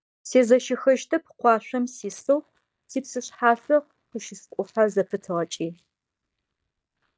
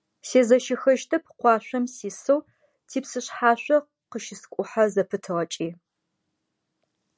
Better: second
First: noise reduction (neural mask model DeepFilterNet 3)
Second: none

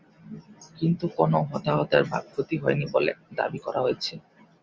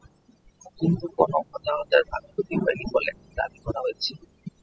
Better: first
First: none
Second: noise reduction (classical method spectral subtraction)

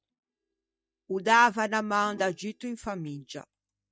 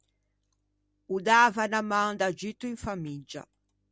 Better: second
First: noise reduction (neural mask model DeepFilterNet 3)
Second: none

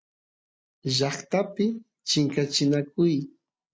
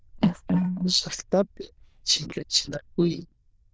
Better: first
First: none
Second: noise reduction (neural diffusion model UNIVERSE++)

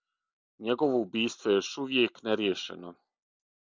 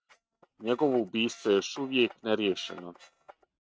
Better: first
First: none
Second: noise reduction (neural mask model RNNoise)

